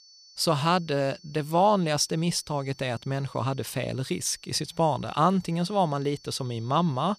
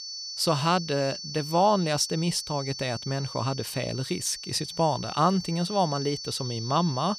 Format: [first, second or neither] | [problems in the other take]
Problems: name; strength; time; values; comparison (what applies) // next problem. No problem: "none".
first | high-pitched whine; loud; throughout; 4.5 kHz, 9 dB below the speech; faint in the first